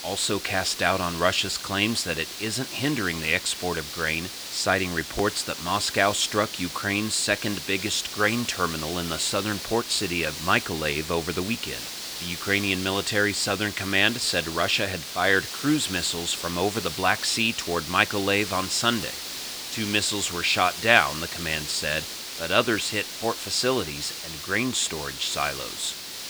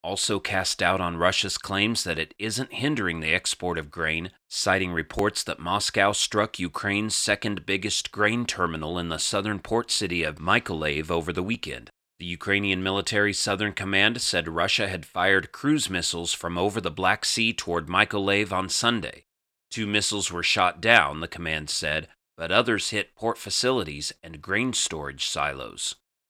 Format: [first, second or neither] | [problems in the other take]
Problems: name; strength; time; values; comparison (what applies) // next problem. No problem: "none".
second | hiss; loud; throughout; 8 dB below the speech